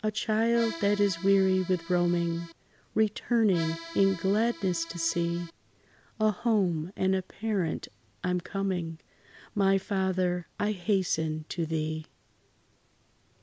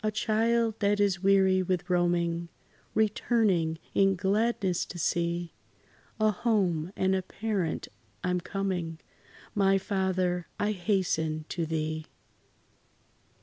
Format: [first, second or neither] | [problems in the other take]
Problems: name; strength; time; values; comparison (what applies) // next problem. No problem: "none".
second | background sound (Accordion); 14 dB below the speech